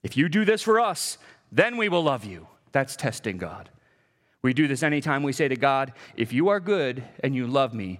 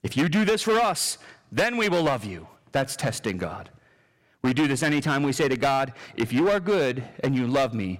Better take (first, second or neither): first